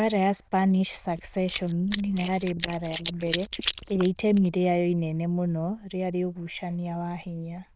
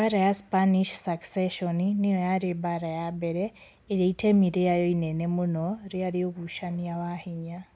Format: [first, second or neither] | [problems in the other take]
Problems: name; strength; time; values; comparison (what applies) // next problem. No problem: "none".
second | noise reduction (neural diffusion model UNIVERSE++)